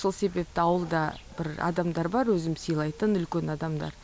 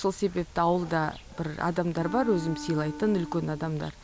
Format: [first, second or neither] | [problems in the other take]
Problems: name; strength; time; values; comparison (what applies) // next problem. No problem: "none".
first | background sound (Wind instrument, woodwind instrument); 13 dB below the speech